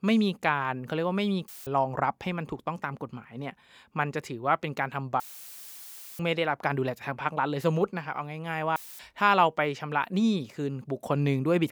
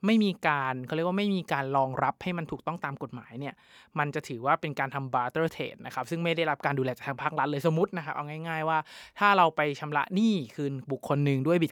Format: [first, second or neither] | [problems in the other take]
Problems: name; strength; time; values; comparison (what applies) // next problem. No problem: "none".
second | audio cutting out; filled with static; at 1.5 s, at 5 s for 1 s and at 9 s